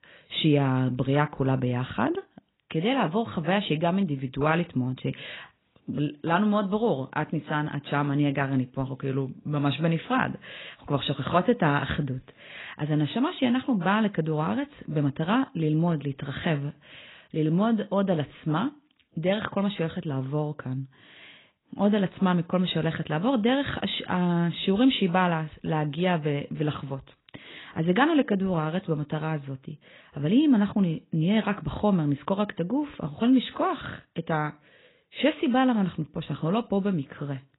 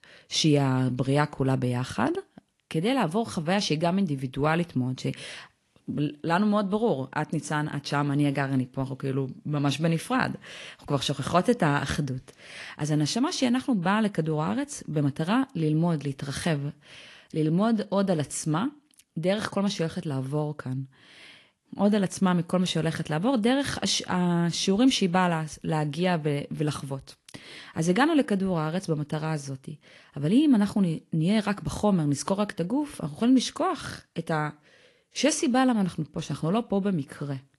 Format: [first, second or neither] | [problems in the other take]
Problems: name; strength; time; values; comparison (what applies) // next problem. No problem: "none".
second | garbled, watery; badly; nothing above 4 kHz; slightly in the second